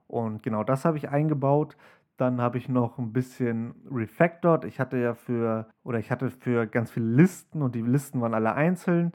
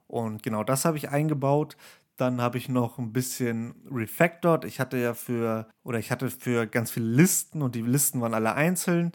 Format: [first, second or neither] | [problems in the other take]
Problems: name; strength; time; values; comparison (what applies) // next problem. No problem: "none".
second | muffled; very; fading above 3 kHz